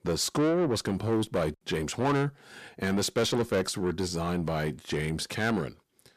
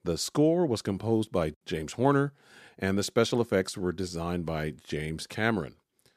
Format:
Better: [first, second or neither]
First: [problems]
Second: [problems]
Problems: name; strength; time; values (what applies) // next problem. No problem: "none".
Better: second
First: distortion; heavy; 7 dB below the speech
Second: none